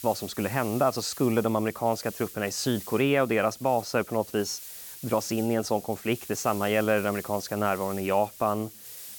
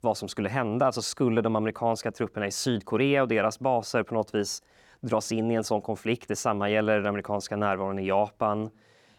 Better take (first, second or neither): second